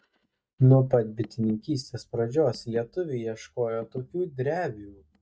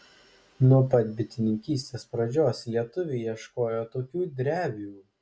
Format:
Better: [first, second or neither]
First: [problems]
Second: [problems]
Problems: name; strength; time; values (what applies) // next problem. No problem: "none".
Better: second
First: noise reduction (neural mask model DeepFilterNet 3)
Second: none